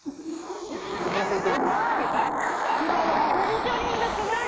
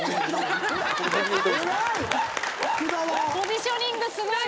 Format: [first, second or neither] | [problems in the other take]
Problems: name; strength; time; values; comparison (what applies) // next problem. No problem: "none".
second | noise reduction (neural mask model Resemble Enhance denoiser)